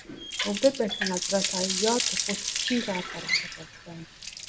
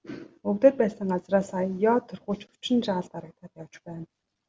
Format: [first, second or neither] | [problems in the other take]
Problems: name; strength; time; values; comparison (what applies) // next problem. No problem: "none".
second | background sound (Water tap, faucet); 1 dB below the speech